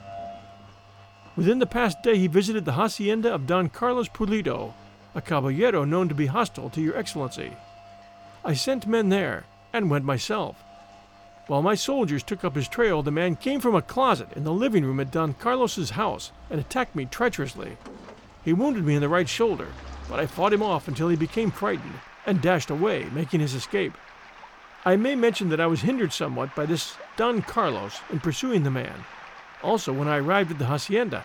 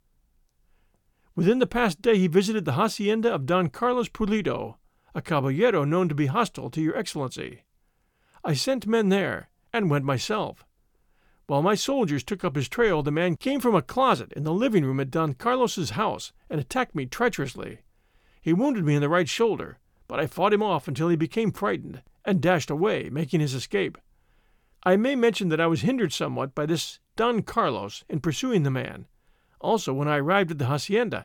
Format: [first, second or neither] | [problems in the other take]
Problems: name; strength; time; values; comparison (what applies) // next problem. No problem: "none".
second | rain or running water; faint; throughout; 20 dB below the speech